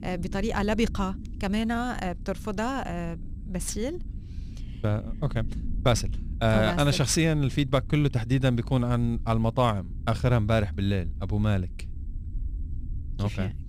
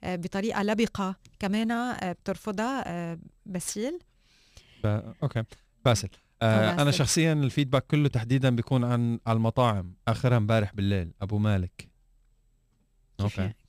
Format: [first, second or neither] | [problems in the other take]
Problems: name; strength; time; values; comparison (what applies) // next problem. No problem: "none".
second | low rumble; faint; throughout; 20 dB below the speech